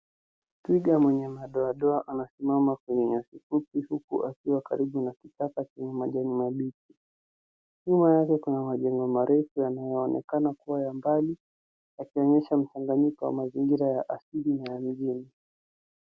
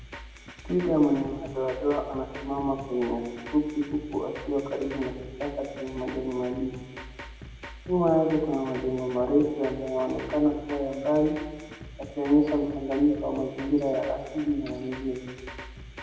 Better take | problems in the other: first | background sound (Drum kit); 15 dB below the speech // room echo; dies away in 1.3 s

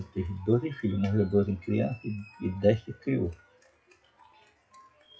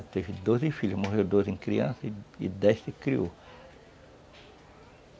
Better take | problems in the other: second | noise reduction (classical method WPE with log-MMSE)

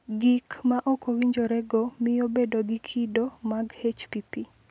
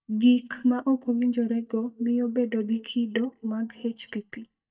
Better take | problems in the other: first | noise reduction (neural mask model DeepFilterNet 3)

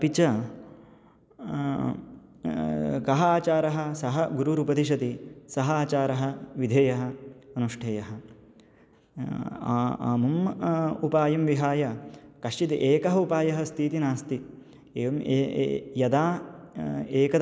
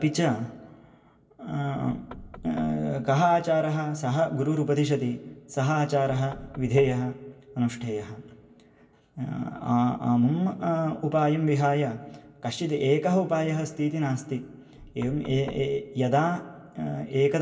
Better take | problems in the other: first | background sound (Knock / Wood); 19 dB below the speech // room echo; dies away in 0.2 s

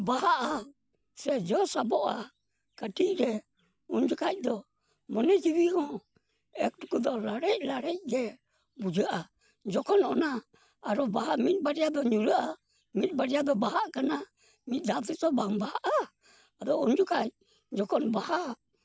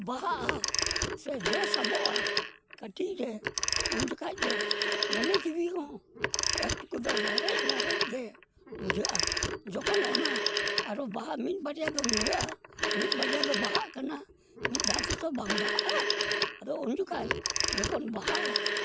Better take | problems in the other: first | background sound (Telephone); 4 dB above the speech

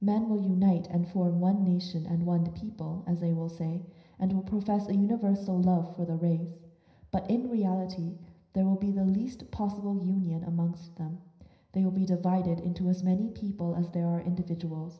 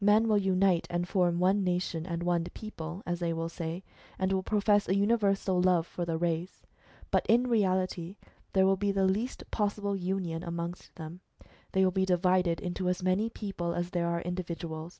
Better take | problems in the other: second | room echo; dies away in 0.9 s

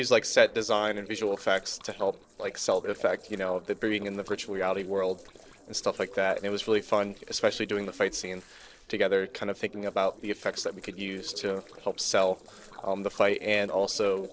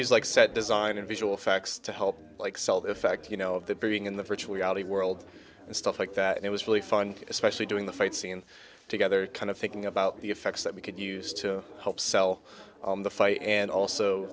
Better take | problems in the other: second | noise reduction (neural separator model SepFormer DNS4)

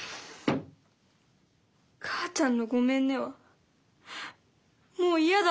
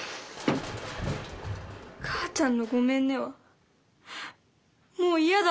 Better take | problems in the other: first | background sound (Crushing); 12 dB below the speech

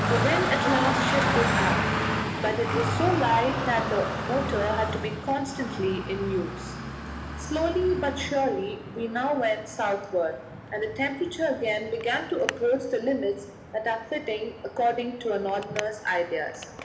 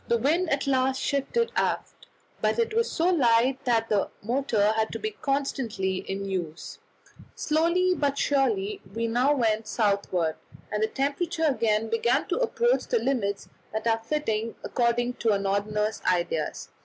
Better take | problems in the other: second | background sound (Traffic noise, roadway noise); 3 dB below the speech // room echo; dies away in 1.1 s

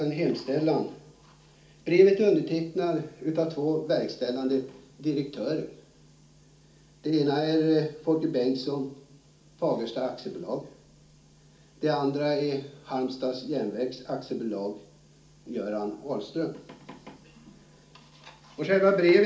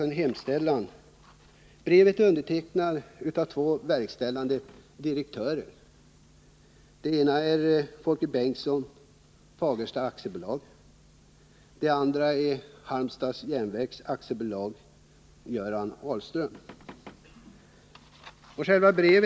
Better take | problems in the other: second | room echo; dies away in 0.4 s

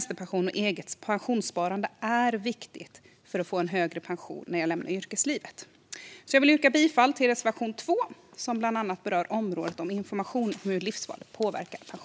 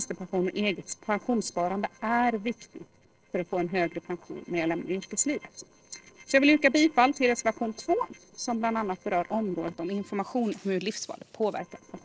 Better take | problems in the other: first | noise reduction (neural separator model SepFormer DNS4)

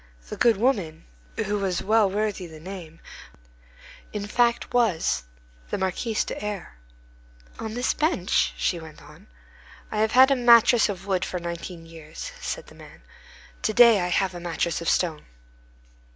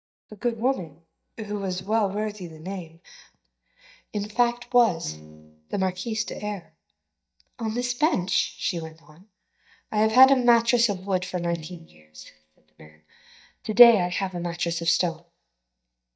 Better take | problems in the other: first | noise reduction (neural mask model DeepFilterNet 3)

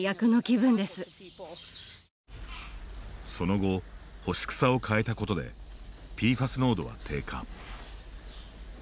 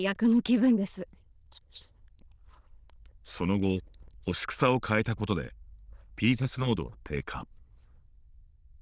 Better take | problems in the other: first | noise reduction (neural diffusion model UNIVERSE++)

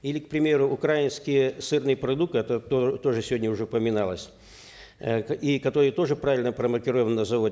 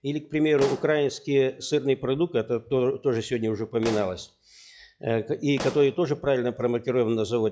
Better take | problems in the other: first | noise reduction (classical method log-MMSE)

